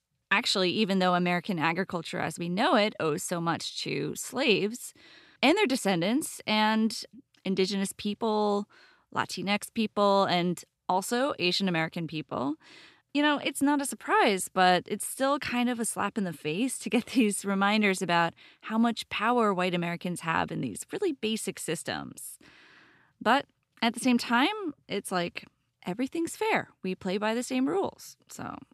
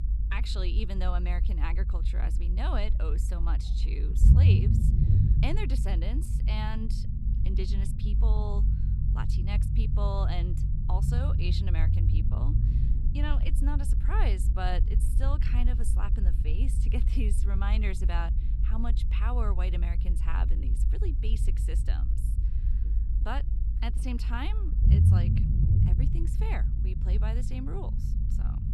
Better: first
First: none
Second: low rumble; loud; throughout; 4 dB below the speech

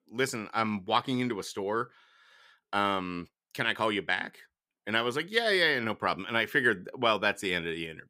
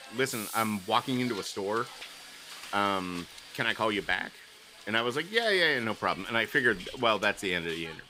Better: first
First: none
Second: hiss; noticeable; throughout; 15 dB below the speech

